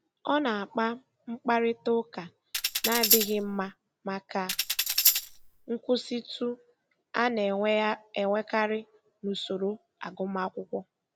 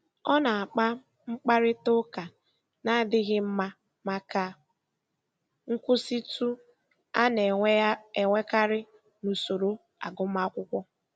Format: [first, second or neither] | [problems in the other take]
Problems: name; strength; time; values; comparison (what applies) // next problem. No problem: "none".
second | background sound (Tambourine); 3 dB above the speech